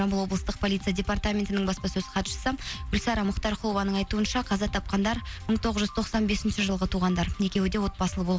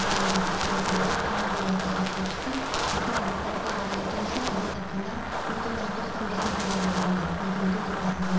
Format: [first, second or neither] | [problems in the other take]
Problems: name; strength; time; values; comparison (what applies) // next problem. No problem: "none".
first | background sound (Wind); 1 dB above the speech // room echo; dies away in 1 s